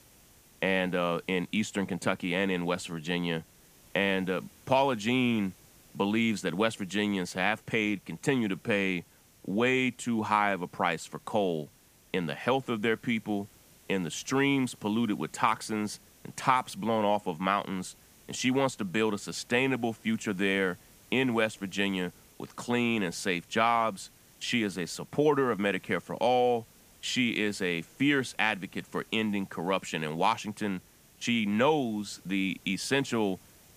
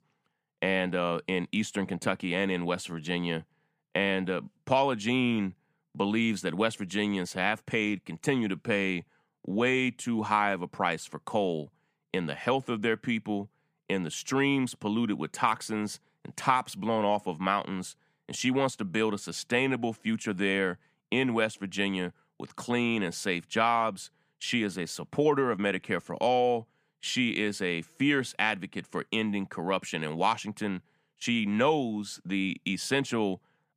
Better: second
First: hiss; faint; throughout; 25 dB below the speech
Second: none

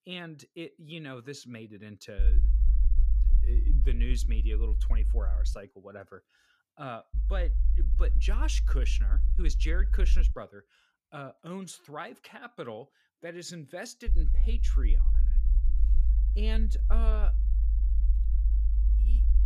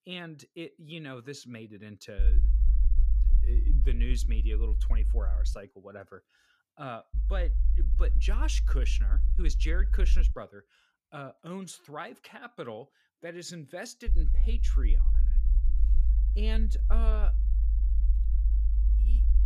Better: neither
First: low rumble; loud; from 2 to 5.5 s, from 7 to 10 s and from 14 s on; 9 dB below the speech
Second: low rumble; loud; from 2 to 5.5 s, from 7 to 10 s and from 14 s on; 9 dB below the speech

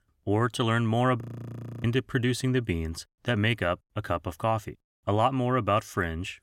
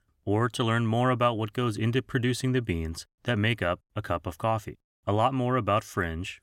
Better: second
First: audio freezing; at 1 s for 0.5 s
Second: none

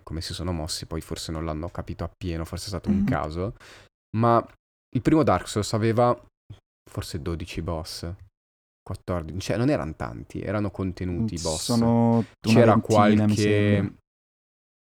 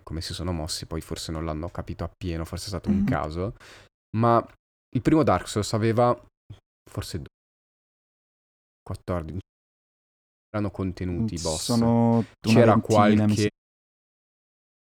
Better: first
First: none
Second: audio cutting out; at 7.5 s for 1 s, at 9.5 s for 1 s and at 14 s for 0.5 s

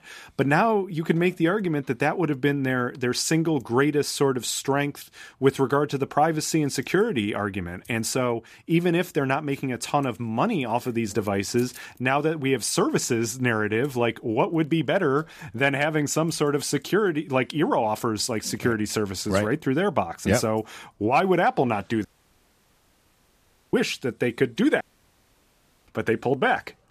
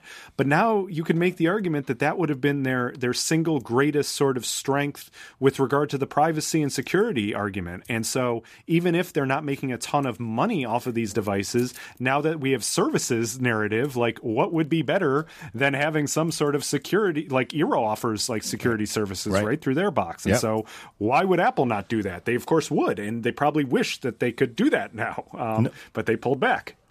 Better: second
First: audio cutting out; at 22 s for 1.5 s and at 25 s for 1 s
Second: none

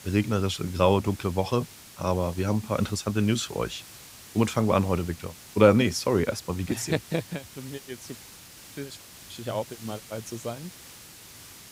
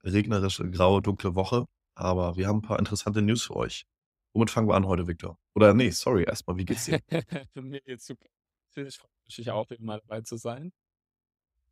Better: second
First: hiss; noticeable; throughout; 20 dB below the speech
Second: none

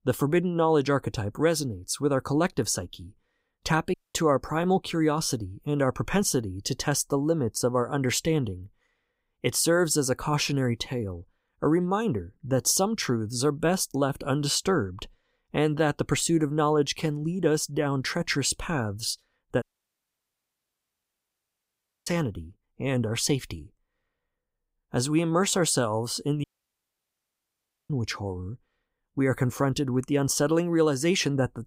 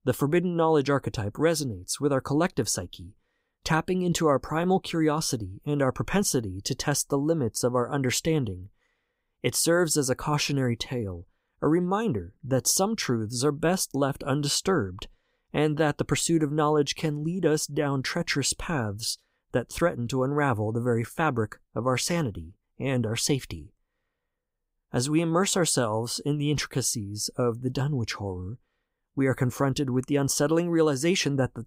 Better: second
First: audio cutting out; at 4 s, at 20 s for 2.5 s and at 26 s for 1.5 s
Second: none

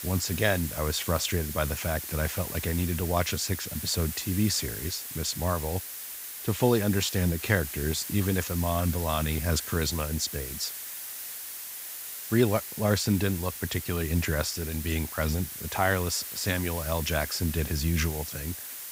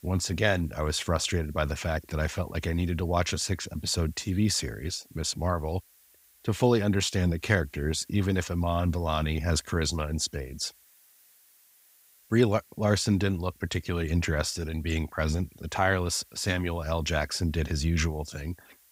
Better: second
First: hiss; loud; throughout; 7 dB below the speech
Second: hiss; faint; throughout; 30 dB below the speech

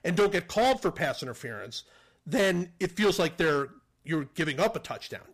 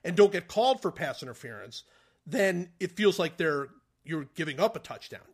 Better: second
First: distortion; heavy; 8% of the sound clipped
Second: none

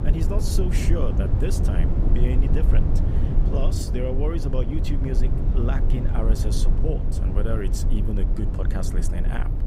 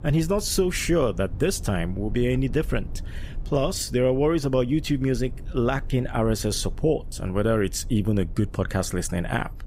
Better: second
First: low rumble; loud; throughout; 3 dB below the speech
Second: low rumble; faint; throughout; 25 dB below the speech

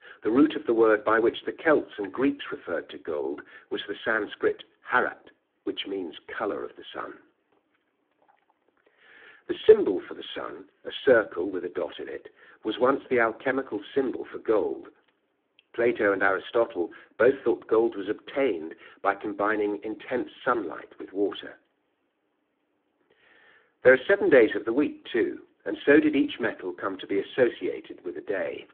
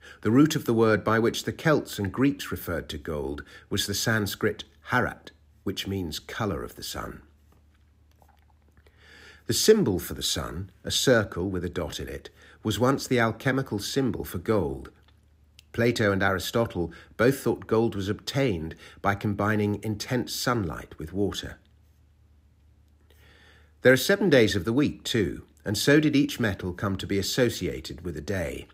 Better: second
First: phone-call audio; poor line; nothing above 3.5 kHz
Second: none

